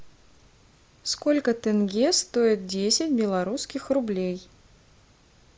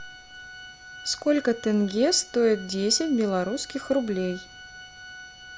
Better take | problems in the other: first | background sound (Organ); 17 dB below the speech

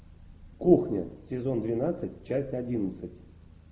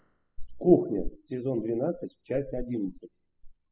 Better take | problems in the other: first | noise reduction (classical method spectral subtraction)

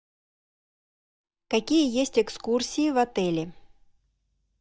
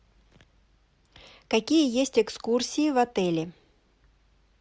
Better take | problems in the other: second | noise reduction (neural mask model DeepFilterNet 3)

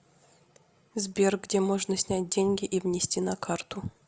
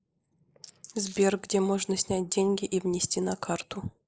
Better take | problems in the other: first | noise reduction (neural mask model Resemble Enhance denoiser)

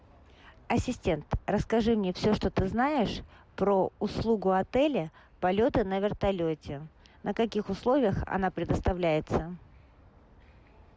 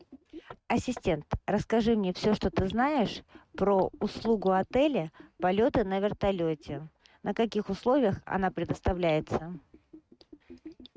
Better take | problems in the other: first | noise reduction (neural mask model RNNoise)

